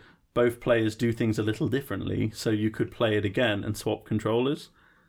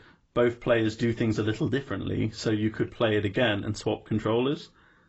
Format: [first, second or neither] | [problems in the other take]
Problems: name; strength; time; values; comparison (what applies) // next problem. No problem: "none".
first | garbled, watery; badly; nothing above 8 kHz